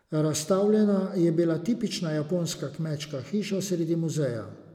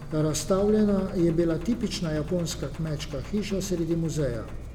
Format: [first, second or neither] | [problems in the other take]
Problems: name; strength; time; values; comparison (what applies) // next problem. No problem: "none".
first | background sound (Engine); 11 dB below the speech